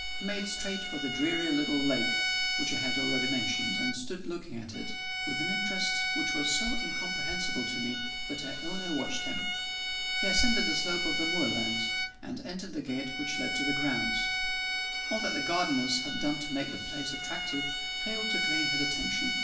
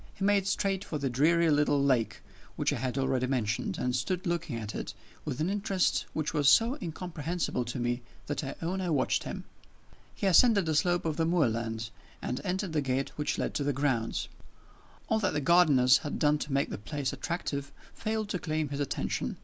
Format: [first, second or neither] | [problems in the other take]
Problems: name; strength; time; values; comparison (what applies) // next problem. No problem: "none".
second | background sound (Bowed string instrument); 1 dB above the speech // room echo; dies away in 0.9 s